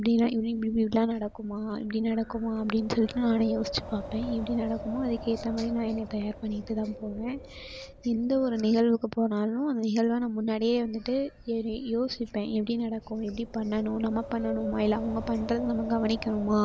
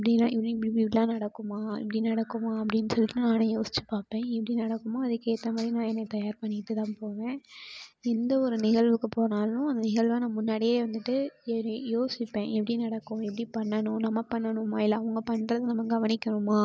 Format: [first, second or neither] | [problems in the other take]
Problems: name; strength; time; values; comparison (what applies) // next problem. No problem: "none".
second | background sound (Wind); 14 dB below the speech